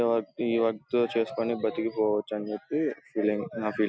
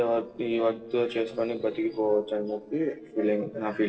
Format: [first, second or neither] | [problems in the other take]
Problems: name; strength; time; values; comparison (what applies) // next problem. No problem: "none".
first | noise reduction (neural separator model SepFormer DNS4)